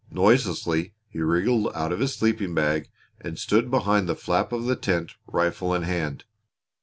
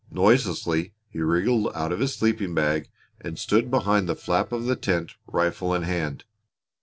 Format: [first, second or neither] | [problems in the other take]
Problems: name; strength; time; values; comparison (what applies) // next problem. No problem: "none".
first | noise reduction (neural separator model SepFormer DNS4)